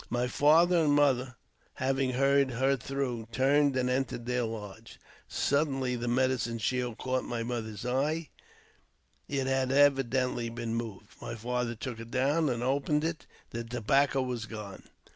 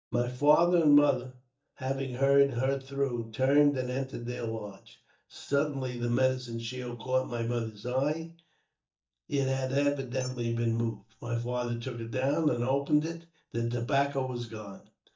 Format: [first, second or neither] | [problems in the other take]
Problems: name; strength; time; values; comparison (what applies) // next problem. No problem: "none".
first | noise reduction (neural mask model DeepFilterNet 3)